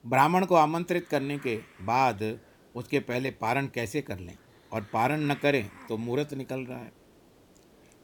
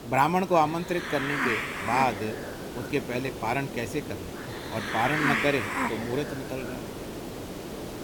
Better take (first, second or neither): first